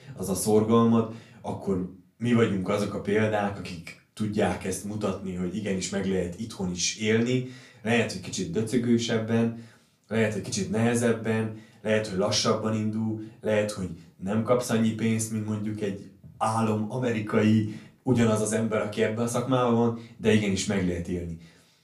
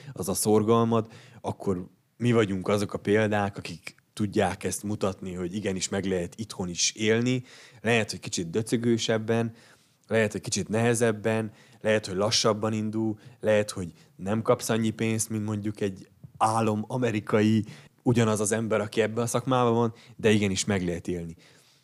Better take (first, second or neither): second